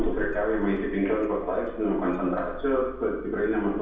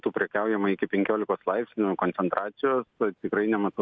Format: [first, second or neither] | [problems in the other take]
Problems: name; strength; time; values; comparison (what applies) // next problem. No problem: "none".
second | background sound (Engine starting); 10 dB below the speech // room echo; dies away in 0.9 s